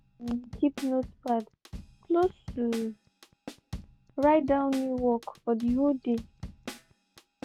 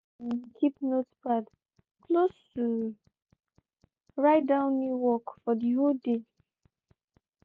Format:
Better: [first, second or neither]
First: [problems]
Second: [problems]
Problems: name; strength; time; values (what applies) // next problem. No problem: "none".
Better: second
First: background sound (Drum kit); 16 dB below the speech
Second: none